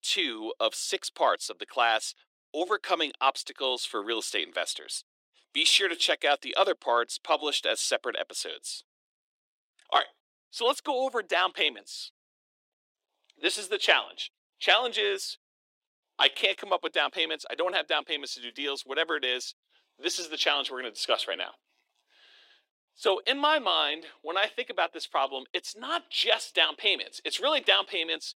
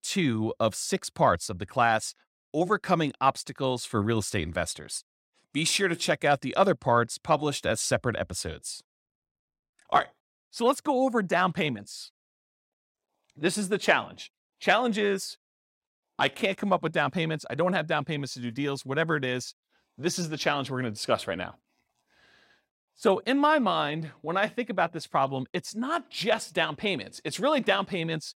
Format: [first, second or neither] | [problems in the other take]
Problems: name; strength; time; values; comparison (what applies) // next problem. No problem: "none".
second | thin; very; fading below 350 Hz